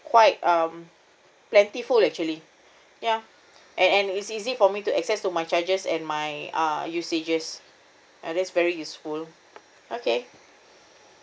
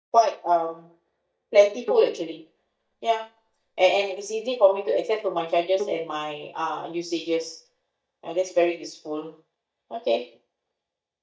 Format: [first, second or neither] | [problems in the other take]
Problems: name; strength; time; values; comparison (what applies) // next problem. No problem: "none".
first | noise reduction (neural mask model DeepFilterNet 3)